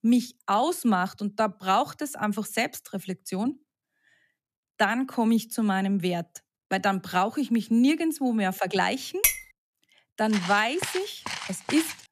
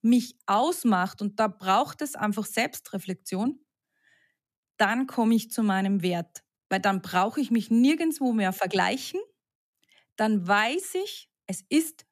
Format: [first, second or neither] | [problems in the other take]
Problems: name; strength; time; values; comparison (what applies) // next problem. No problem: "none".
second | clattering dishes; loud; at 9 s; peak 3 dB above the speech // footsteps; noticeable; from 10 s on; peak 7 dB below the speech